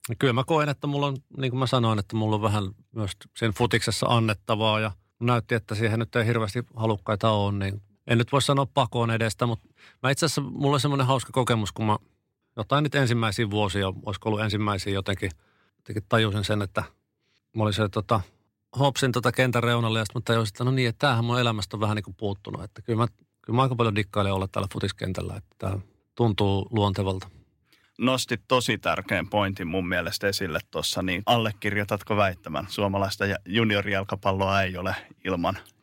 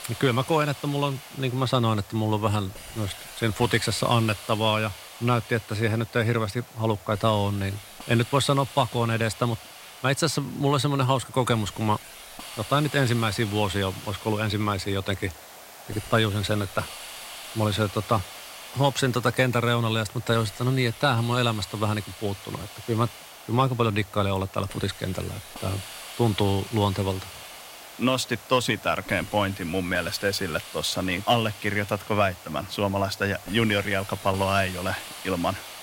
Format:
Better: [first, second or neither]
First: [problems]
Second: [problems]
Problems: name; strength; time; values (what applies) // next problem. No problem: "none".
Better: first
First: none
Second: hiss; noticeable; throughout; 15 dB below the speech